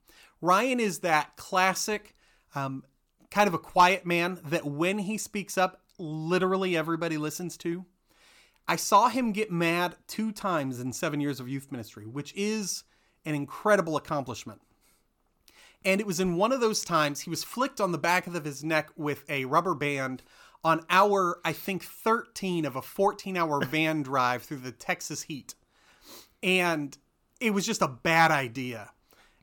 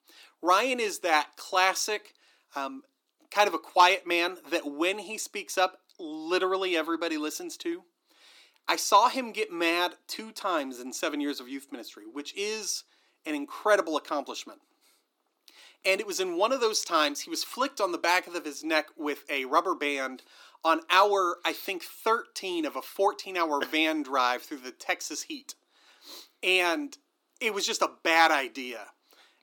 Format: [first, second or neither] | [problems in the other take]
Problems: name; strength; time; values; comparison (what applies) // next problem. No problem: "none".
first | thin; somewhat; fading below 300 Hz